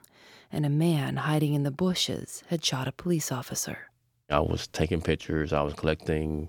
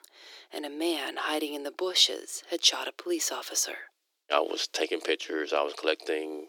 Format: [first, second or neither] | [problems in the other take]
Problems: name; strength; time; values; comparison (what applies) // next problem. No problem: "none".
first | thin; very; fading below 350 Hz